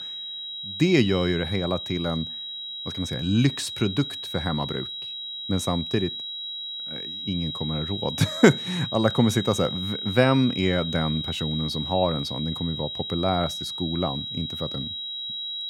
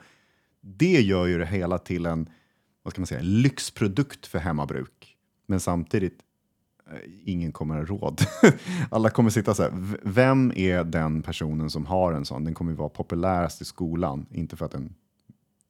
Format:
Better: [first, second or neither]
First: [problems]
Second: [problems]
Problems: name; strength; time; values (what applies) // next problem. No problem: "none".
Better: second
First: high-pitched whine; loud; throughout; 4 kHz, 5 dB below the speech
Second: none